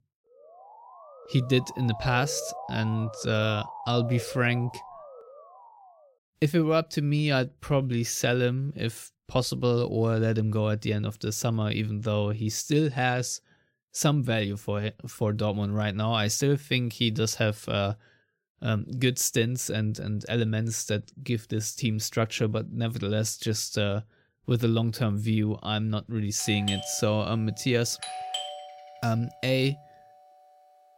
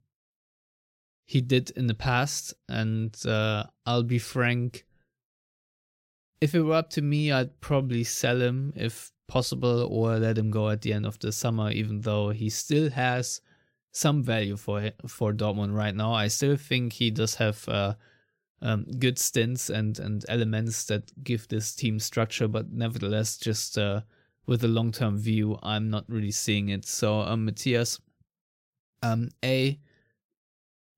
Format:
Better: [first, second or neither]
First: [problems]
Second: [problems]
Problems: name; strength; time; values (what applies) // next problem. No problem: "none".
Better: second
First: siren; noticeable; until 6 s; peak 9 dB below the speech // doorbell; noticeable; from 26 to 29 s; peak 5 dB below the speech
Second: none